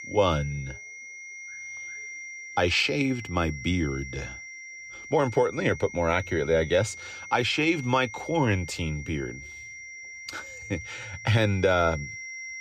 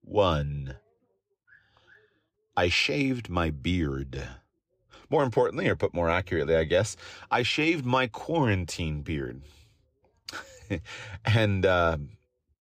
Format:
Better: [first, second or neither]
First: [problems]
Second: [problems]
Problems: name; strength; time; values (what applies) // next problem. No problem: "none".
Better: second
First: high-pitched whine; noticeable; throughout; 2 kHz, 15 dB below the speech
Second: none